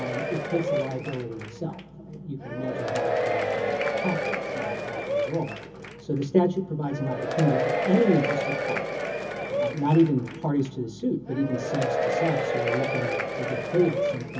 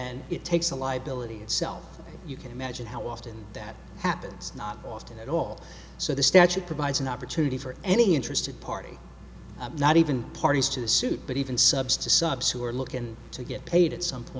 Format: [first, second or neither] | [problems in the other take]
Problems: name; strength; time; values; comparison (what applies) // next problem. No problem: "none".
second | background sound (Applause / Crowd / Cheering); 1 dB below the speech // room echo; dies away in 0.3 s